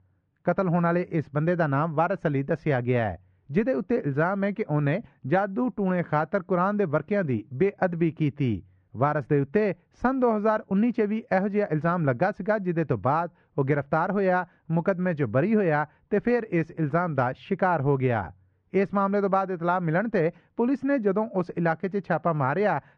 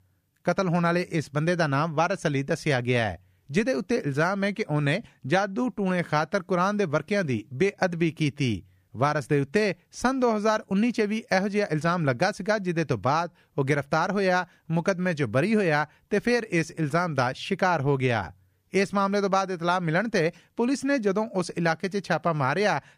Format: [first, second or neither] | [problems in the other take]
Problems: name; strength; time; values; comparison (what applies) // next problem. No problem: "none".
second | muffled; very; fading above 1.5 kHz